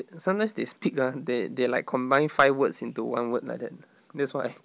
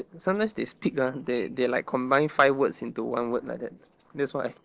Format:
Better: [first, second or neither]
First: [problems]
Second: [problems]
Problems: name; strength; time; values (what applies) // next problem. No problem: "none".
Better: first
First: none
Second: noise reduction (neural separator model SepFormer DNS4)